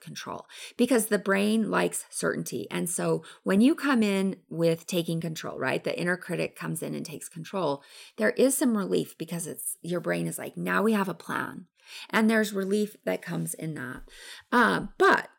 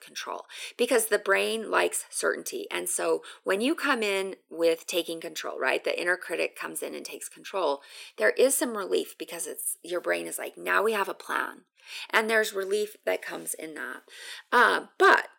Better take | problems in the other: first | thin; somewhat; fading below 350 Hz

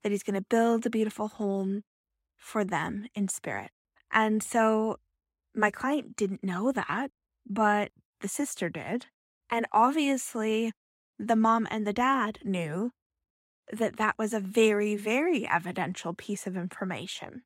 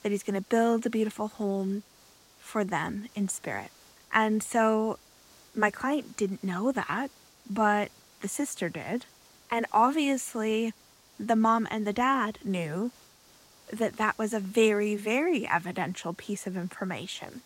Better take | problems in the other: first | hiss; faint; throughout; 25 dB below the speech

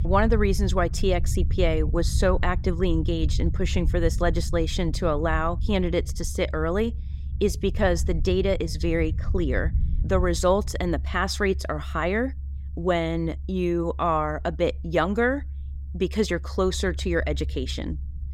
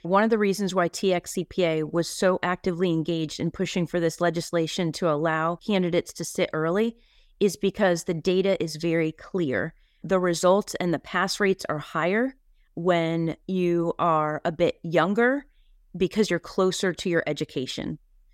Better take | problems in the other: second | low rumble; faint; throughout; 20 dB below the speech

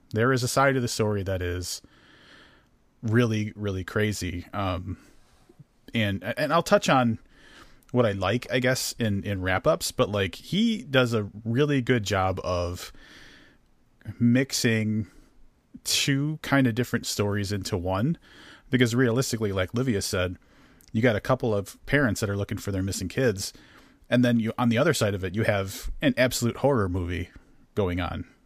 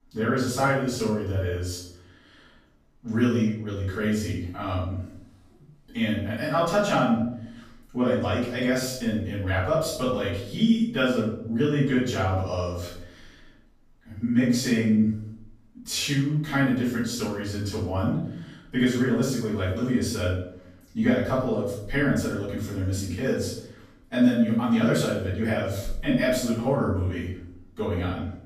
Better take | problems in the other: first | off-mic speech; far // room echo; noticeable; dies away in 0.6 s

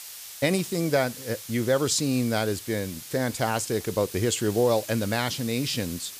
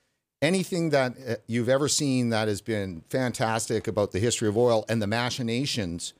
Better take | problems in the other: second | hiss; noticeable; throughout; 10 dB below the speech

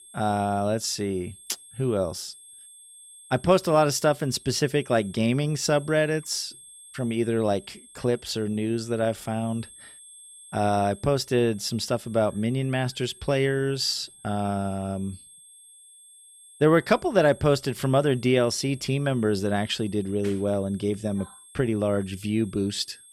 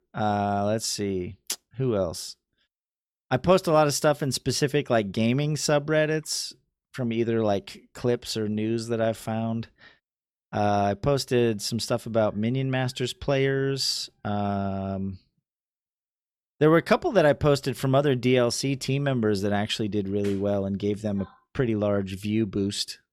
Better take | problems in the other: second | high-pitched whine; faint; throughout; 8.5 kHz, 20 dB below the speech

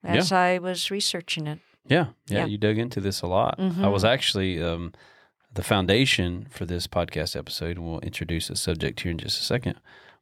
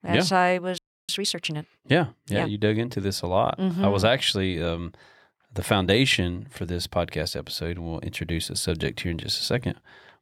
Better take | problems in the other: first | audio freezing; at 1 s

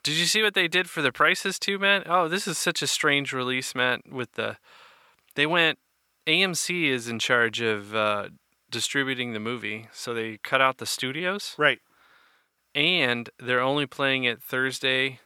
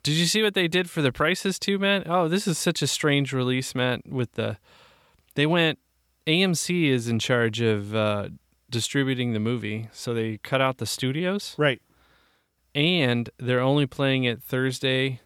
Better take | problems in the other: second | thin; somewhat; fading below 950 Hz

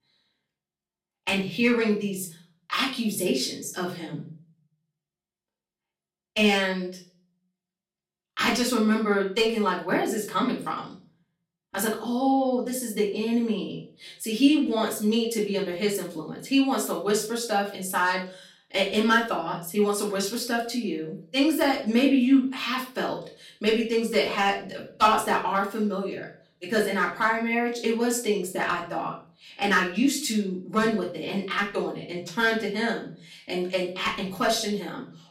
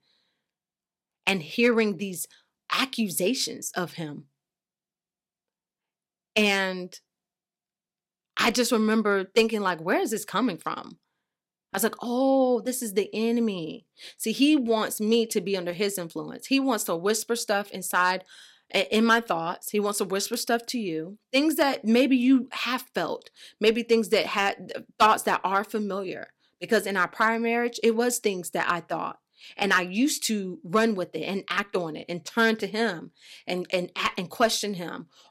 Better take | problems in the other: second | off-mic speech; far // room echo; slight; dies away in 0.4 s

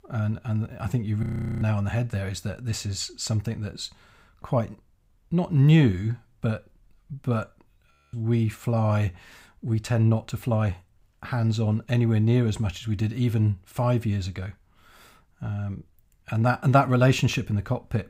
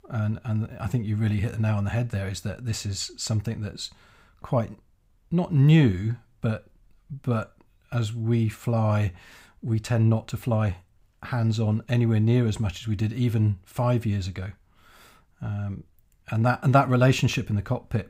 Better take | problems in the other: second | audio freezing; at 1 s and at 8 s

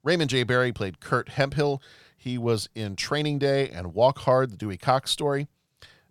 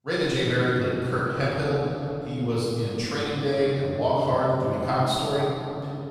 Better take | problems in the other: first | room echo; strong; dies away in 2.9 s // off-mic speech; far

